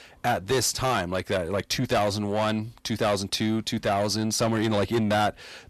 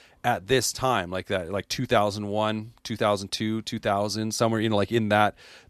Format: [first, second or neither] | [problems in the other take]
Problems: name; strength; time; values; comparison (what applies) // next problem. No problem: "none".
second | distortion; heavy; 8 dB below the speech